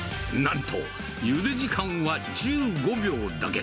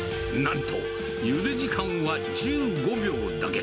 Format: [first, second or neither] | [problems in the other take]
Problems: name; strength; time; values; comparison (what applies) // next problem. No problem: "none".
first | background sound (Telephone); 3 dB below the speech